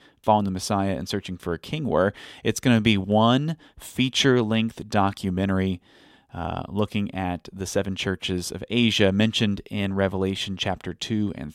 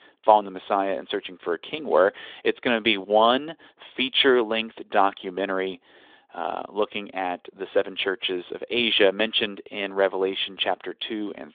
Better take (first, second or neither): first